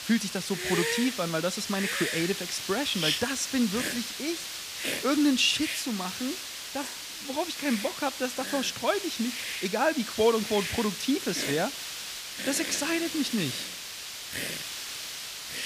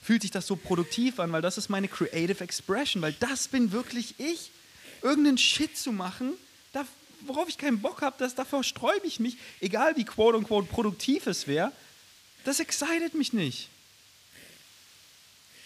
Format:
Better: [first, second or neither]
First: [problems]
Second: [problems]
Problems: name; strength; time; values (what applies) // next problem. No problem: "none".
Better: second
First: hiss; loud; throughout; 4 dB below the speech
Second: hiss; faint; throughout; 25 dB below the speech